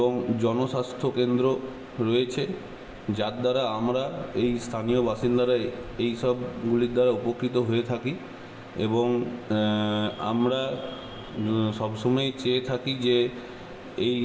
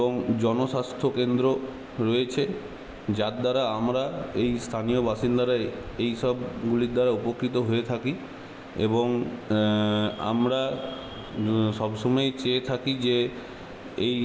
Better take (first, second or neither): second